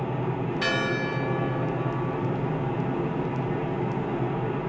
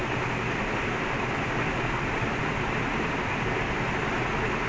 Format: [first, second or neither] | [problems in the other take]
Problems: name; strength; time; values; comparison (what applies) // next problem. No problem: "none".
second | background sound (Church bell); 9 dB below the speech // room echo; dies away in 0.7 s